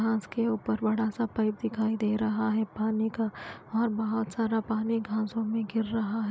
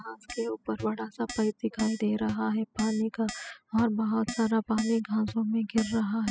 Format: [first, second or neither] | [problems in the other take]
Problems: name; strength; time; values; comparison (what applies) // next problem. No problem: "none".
first | noise reduction (classical method spectral subtraction)